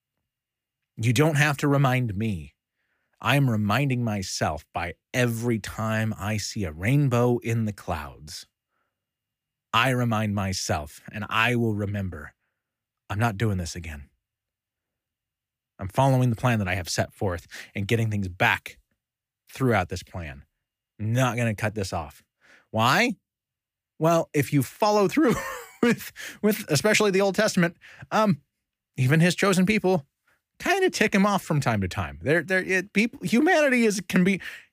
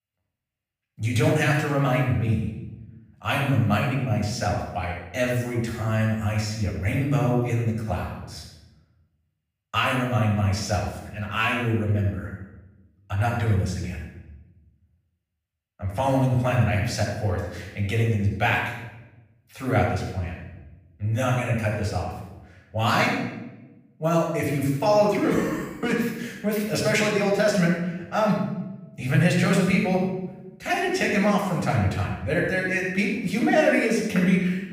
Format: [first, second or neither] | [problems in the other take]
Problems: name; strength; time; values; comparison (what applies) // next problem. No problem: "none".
first | off-mic speech; far // room echo; noticeable; dies away in 0.9 s